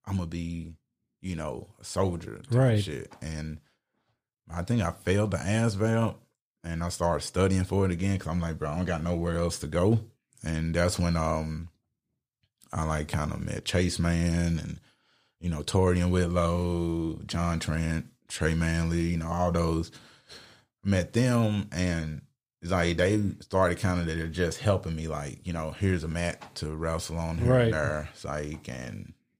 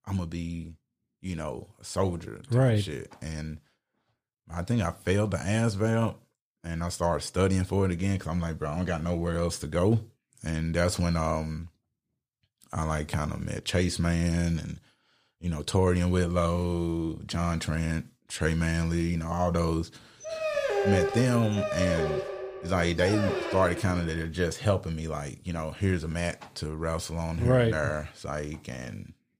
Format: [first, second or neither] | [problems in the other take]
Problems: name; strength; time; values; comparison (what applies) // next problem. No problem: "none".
first | dog barking; loud; from 20 to 24 s; peak 2 dB above the speech